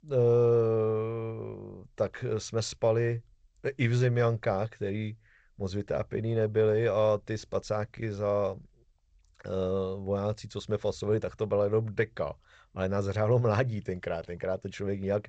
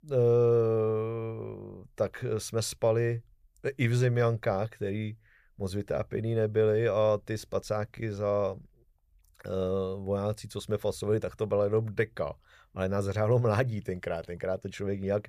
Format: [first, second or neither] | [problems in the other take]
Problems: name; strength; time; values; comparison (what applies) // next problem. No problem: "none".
second | garbled, watery; slightly; nothing above 7.5 kHz